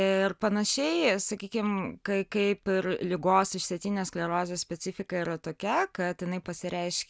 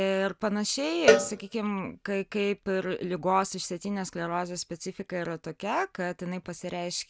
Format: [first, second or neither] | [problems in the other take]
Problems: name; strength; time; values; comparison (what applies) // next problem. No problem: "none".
first | background sound (Cowbell); 1 dB above the speech